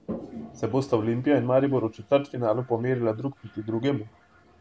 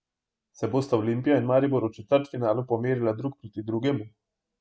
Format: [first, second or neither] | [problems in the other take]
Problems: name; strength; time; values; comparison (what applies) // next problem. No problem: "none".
second | background sound (Toilet flush); 18 dB below the speech